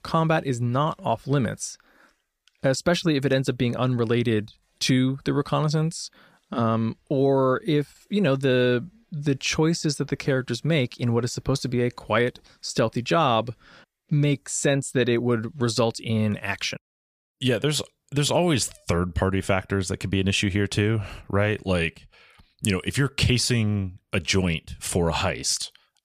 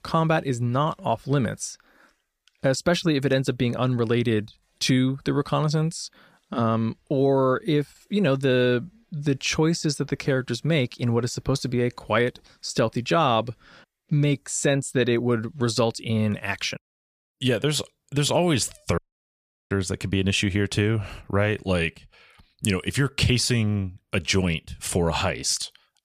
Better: first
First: none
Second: audio cutting out; at 19 s for 0.5 s

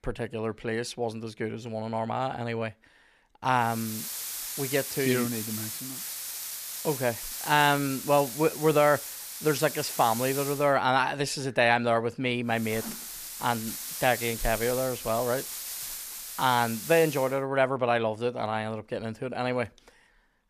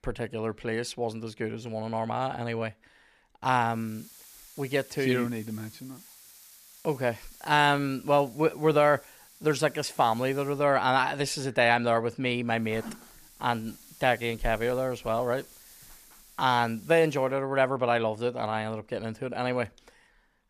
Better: second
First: hiss; loud; from 3.5 to 11 s and from 13 to 17 s; 7 dB below the speech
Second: hiss; faint; from 3.5 to 11 s and from 13 to 17 s; 25 dB below the speech

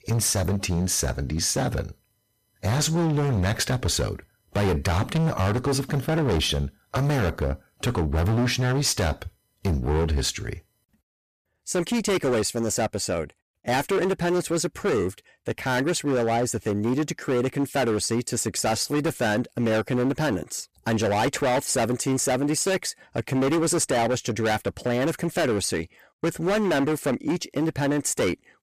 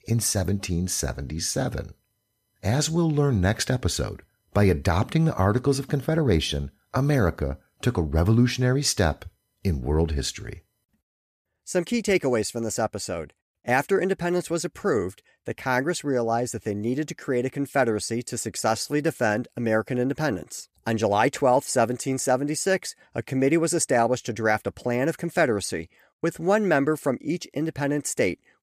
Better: second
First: distortion; heavy; 19% of the sound clipped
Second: none

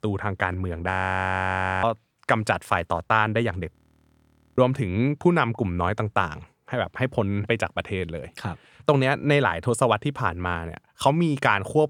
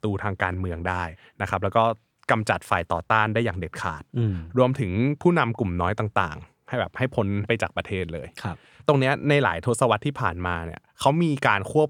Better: second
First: audio freezing; at 1 s for 1 s and at 3.5 s for 1 s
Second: none

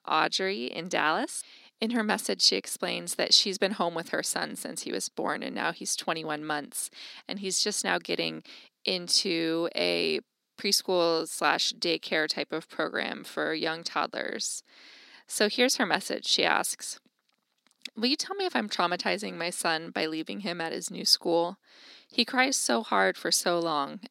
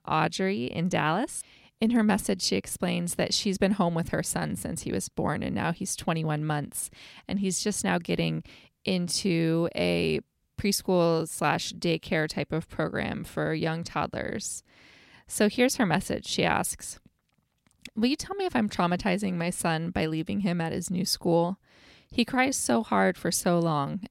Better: second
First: thin; somewhat; fading below 250 Hz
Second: none

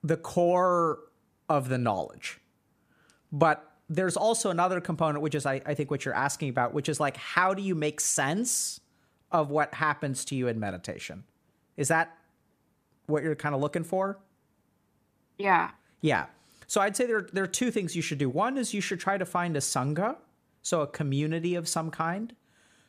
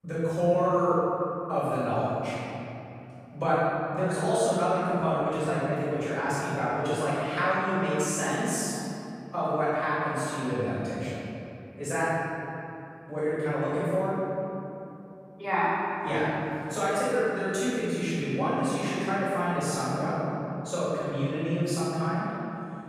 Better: first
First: none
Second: room echo; strong; dies away in 2.9 s // off-mic speech; far

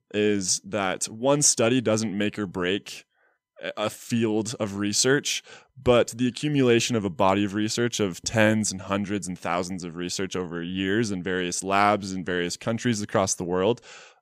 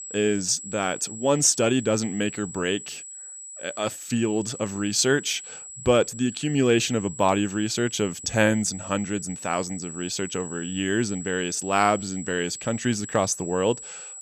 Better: first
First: none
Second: high-pitched whine; noticeable; throughout; 7.5 kHz, 10 dB below the speech

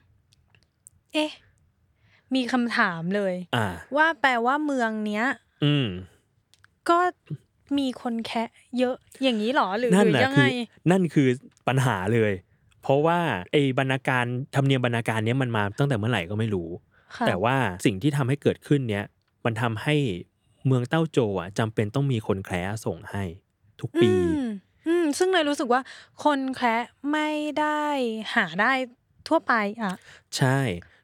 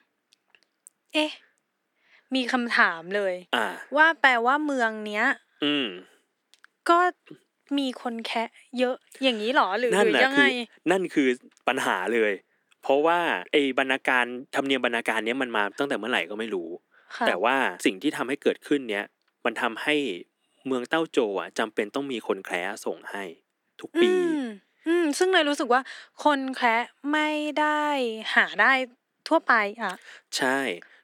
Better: first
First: none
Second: thin; very slightly; fading below 250 Hz

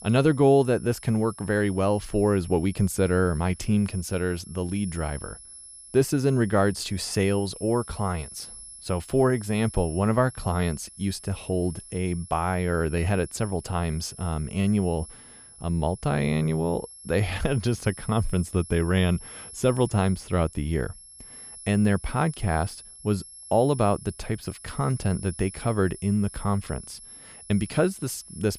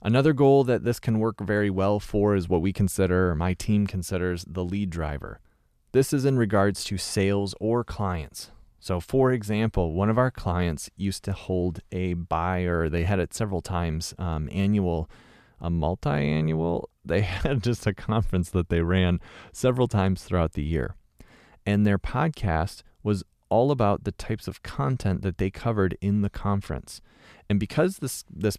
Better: second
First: high-pitched whine; noticeable; throughout; 11 kHz, 15 dB below the speech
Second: none

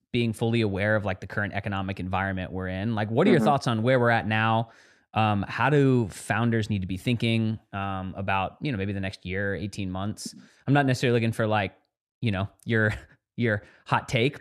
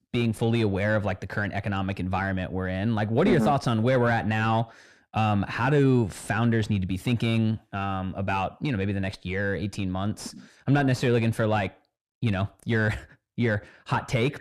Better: first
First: none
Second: distortion; slight; 10 dB below the speech

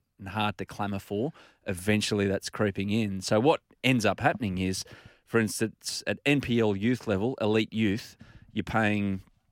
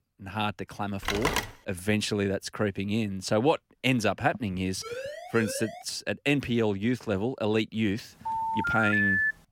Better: first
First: none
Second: phone ringing; loud; at 1 s and from 8.5 s on; peak 5 dB above the speech // siren; noticeable; from 5 to 6 s; peak 8 dB below the speech

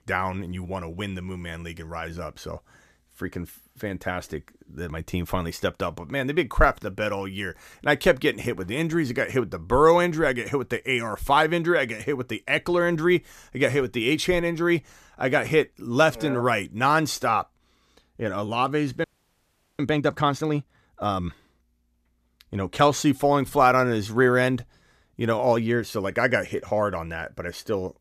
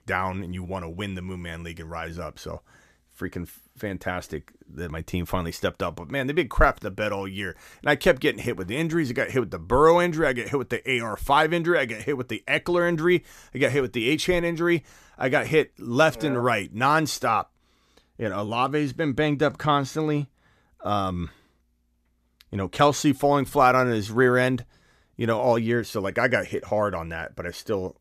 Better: second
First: audio freezing; at 19 s for 1 s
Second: none

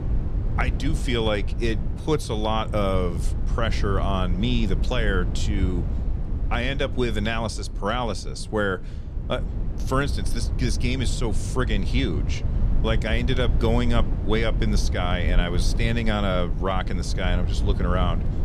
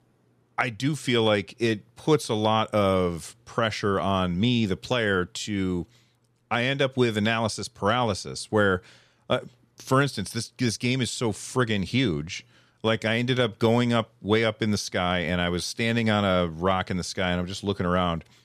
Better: second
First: low rumble; noticeable; throughout; 15 dB below the speech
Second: none

